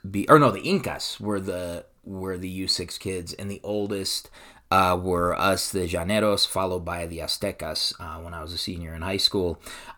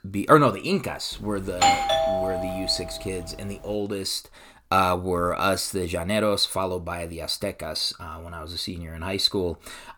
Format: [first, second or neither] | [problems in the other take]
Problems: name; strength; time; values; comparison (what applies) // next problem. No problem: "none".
first | doorbell; loud; from 1.5 to 2.5 s; peak 6 dB above the speech